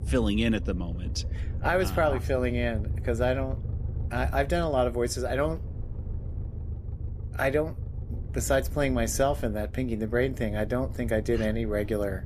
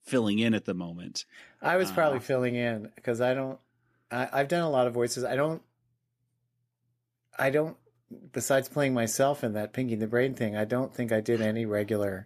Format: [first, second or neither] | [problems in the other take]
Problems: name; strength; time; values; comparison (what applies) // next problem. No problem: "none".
second | low rumble; faint; throughout; 20 dB below the speech